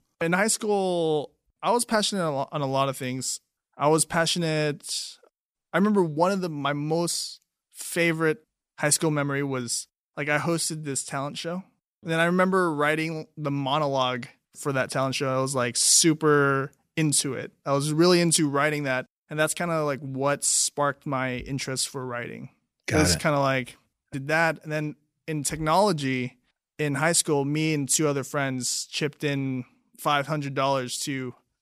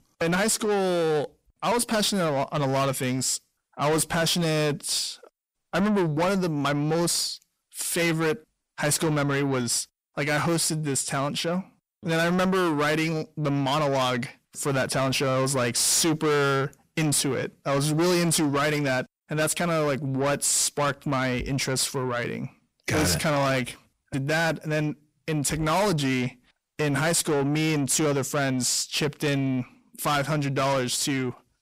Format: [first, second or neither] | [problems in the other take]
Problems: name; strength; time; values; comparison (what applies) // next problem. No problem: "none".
first | distortion; heavy; 7 dB below the speech